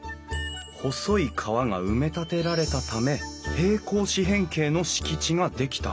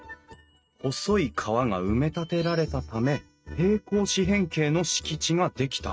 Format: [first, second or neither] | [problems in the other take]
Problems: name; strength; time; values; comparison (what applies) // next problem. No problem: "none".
first | noise reduction (neural mask model RNNoise)